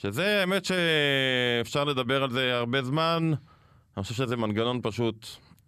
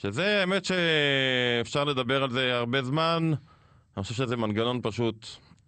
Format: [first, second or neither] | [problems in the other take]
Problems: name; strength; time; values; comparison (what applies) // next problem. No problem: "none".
first | garbled, watery; slightly; nothing above 8.5 kHz